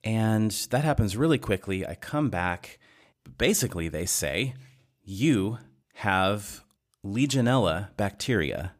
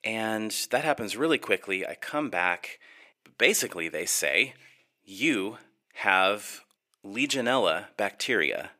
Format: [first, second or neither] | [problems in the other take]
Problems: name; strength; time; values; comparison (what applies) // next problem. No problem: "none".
first | thin; somewhat; fading below 400 Hz